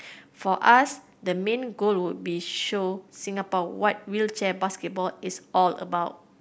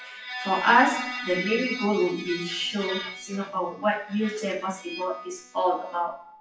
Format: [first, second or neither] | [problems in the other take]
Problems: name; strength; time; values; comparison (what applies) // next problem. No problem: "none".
first | noise reduction (classical method WPE with log-MMSE)